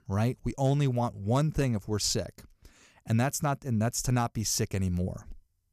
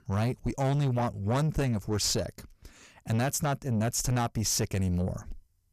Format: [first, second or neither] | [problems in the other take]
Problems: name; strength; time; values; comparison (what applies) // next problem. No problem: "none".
first | distortion; slight; 10 dB below the speech